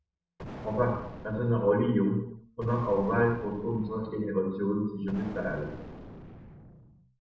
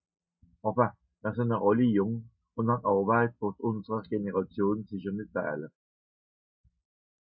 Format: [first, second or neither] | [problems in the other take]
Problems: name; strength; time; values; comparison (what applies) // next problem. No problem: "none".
second | background sound (Explosion); 14 dB below the speech // room echo; dies away in 0.7 s